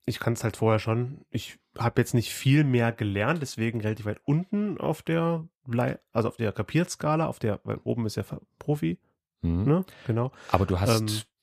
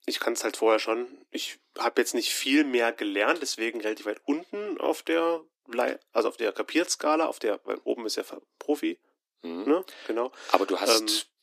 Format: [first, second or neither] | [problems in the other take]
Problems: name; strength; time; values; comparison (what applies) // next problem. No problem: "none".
first | thin; somewhat; fading below 300 Hz